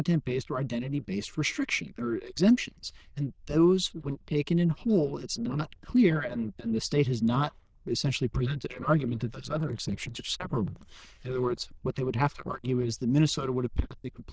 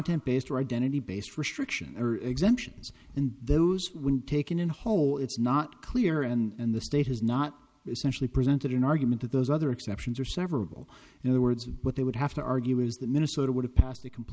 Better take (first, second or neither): second